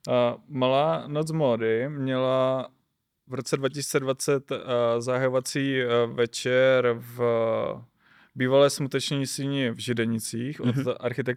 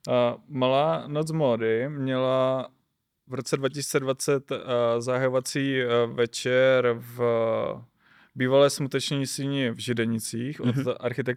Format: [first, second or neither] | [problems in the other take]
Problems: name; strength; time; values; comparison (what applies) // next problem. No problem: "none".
neither | none